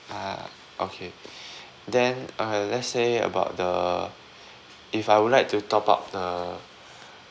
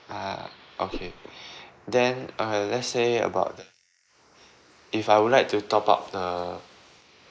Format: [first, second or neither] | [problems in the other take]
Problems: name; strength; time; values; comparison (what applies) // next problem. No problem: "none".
first | noise reduction (neural mask model Resemble Enhance denoiser)